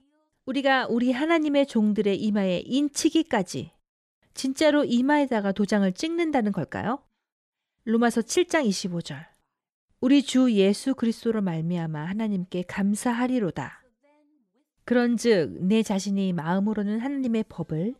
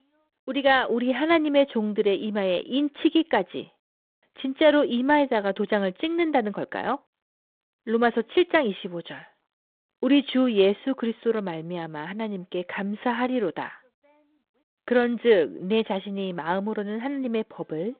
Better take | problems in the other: first | phone-call audio

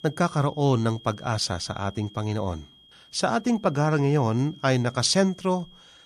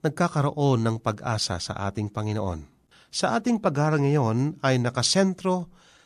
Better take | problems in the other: second | high-pitched whine; faint; throughout; 3.5 kHz, 25 dB below the speech

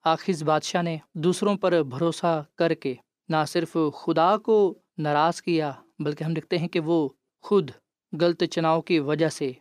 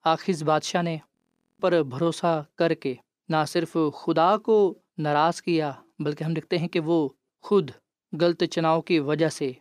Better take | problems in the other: first | audio freezing; at 1 s

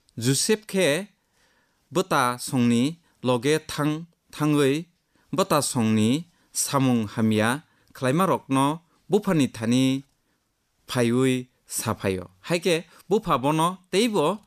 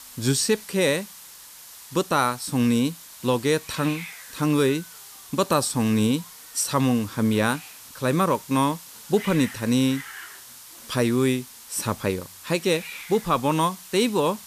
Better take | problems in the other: first | hiss; noticeable; throughout; 15 dB below the speech

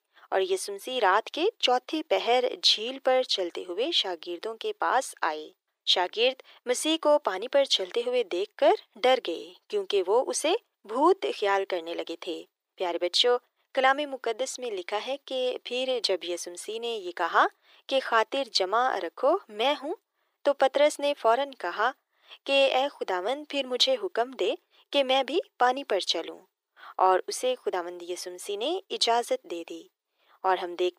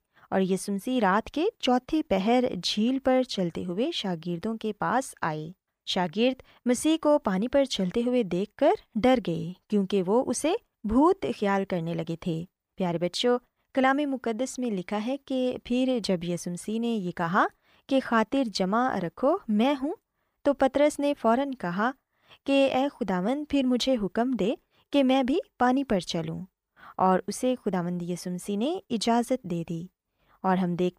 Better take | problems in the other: second | thin; very; fading below 350 Hz

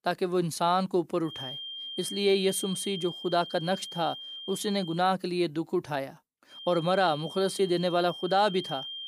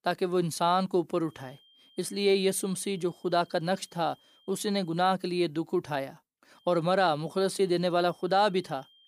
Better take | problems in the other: second | high-pitched whine; loud; from 1.5 to 5 s and from 6.5 s on; 3 kHz, 10 dB below the speech; faint in the second

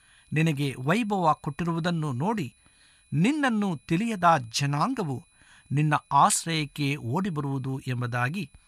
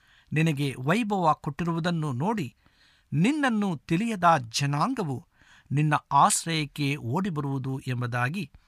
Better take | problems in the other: second | high-pitched whine; faint; throughout; 2.5 kHz, 35 dB below the speech

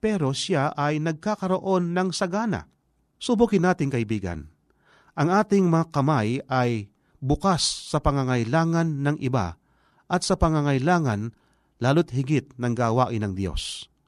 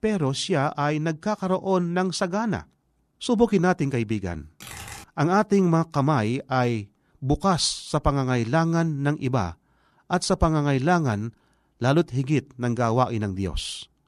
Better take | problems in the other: first | keyboard typing; faint; at 4.5 s; peak 15 dB below the speech

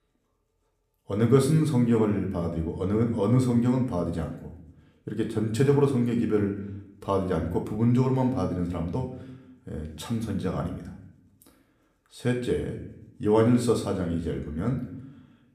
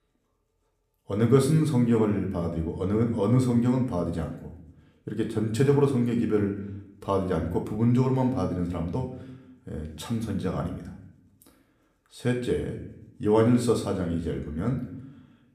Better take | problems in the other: neither | room echo; slight; dies away in 0.6 s; the same in both // off-mic speech; somewhat distant; the same in both

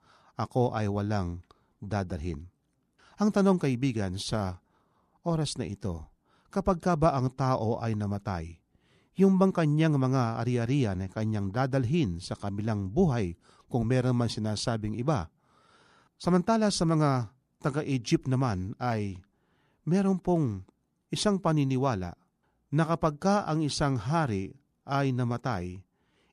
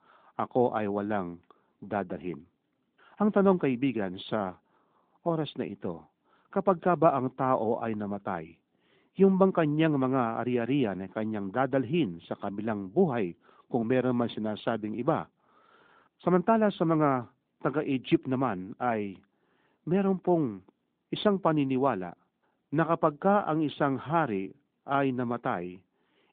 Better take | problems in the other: first | phone-call audio; nothing above 3.5 kHz

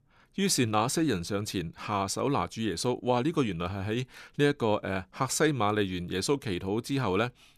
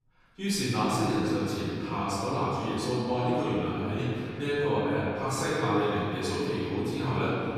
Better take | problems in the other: first | room echo; strong; dies away in 2.5 s // off-mic speech; far

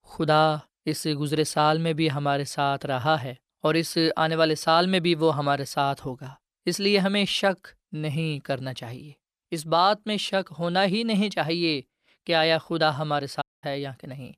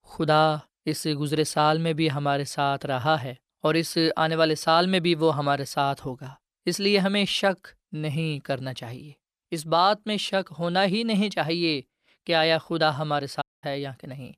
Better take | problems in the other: neither | audio cutting out; at 13 s; the same in both

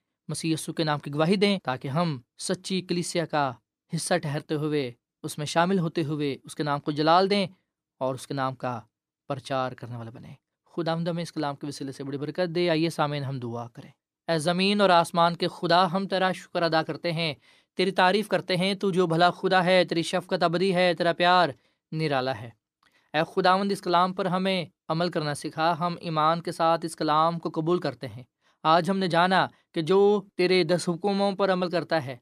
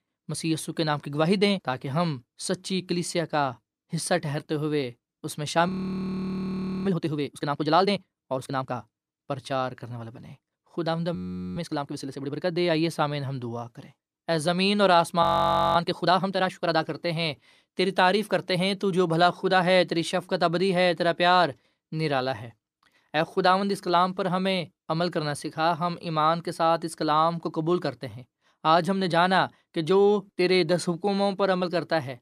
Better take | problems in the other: first | audio freezing; at 5.5 s for 1 s, at 11 s and at 15 s for 0.5 s

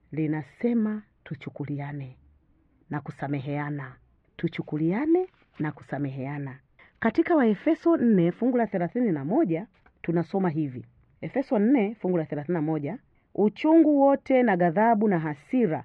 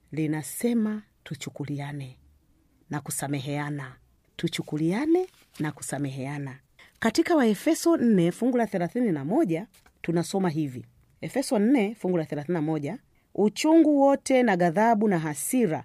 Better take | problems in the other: second | muffled; very; fading above 2.5 kHz

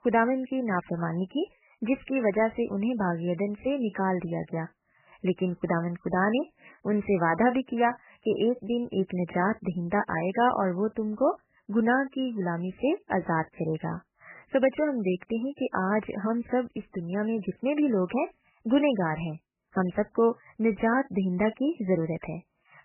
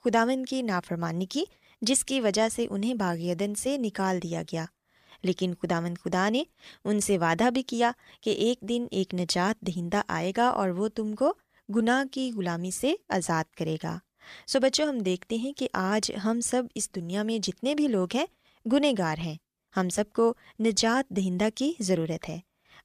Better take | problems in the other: second | garbled, watery; badly; nothing above 3 kHz

